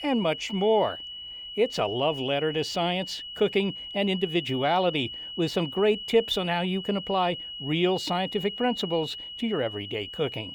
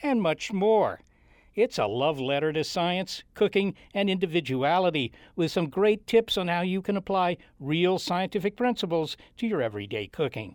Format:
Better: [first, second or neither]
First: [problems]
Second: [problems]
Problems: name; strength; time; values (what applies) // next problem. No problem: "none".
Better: second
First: high-pitched whine; loud; throughout; 3 kHz, 9 dB below the speech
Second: none